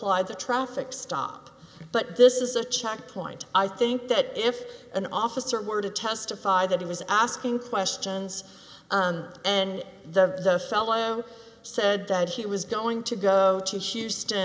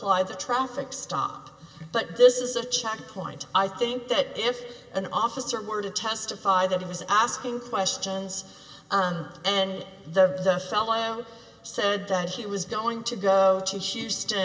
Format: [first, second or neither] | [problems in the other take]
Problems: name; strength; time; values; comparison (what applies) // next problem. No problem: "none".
first | room echo; dies away in 2.2 s